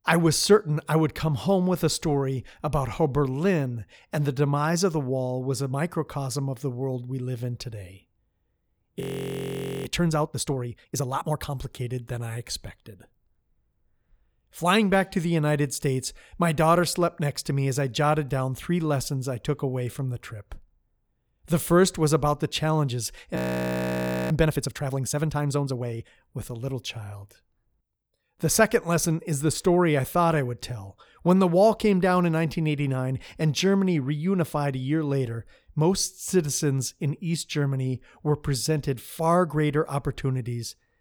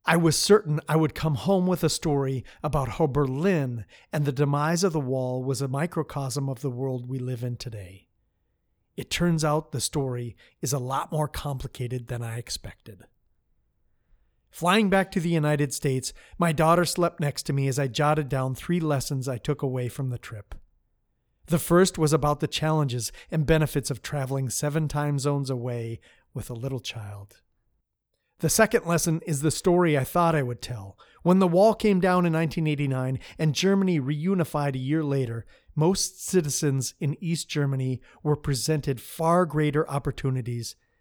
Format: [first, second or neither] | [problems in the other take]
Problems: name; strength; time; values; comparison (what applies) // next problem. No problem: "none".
second | audio freezing; at 9 s for 1 s and at 23 s for 1 s